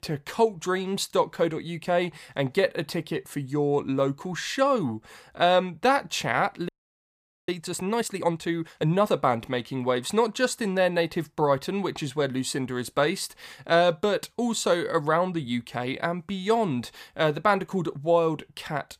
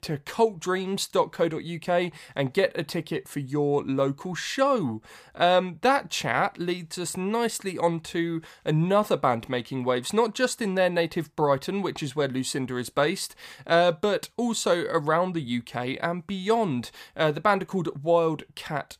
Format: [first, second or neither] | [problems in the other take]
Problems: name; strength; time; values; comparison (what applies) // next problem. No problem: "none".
second | audio freezing; at 6.5 s for 1 s